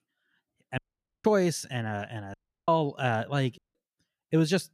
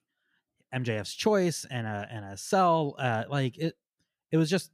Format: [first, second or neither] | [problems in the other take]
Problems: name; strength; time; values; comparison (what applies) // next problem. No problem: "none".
second | audio cutting out; at 1 s, at 2.5 s and at 3.5 s